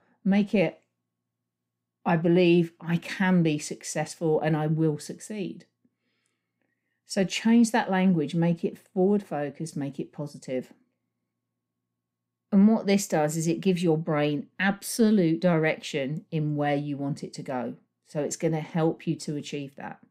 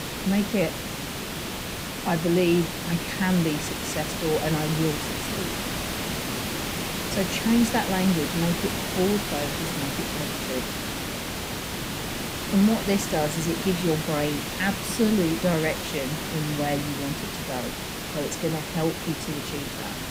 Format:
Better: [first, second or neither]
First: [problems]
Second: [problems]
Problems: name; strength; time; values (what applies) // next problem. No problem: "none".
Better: first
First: none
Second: hiss; loud; throughout; 3 dB below the speech